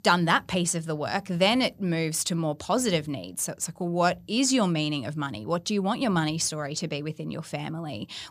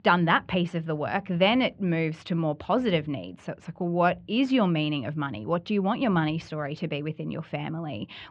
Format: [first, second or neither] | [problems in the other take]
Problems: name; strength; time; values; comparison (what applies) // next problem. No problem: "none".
first | muffled; very; fading above 3 kHz